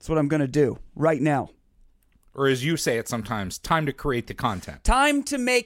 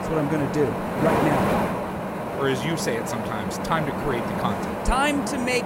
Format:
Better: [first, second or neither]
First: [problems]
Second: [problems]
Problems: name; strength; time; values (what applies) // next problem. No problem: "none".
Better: first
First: none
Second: wind noise on the microphone; heavy; as loud as the speech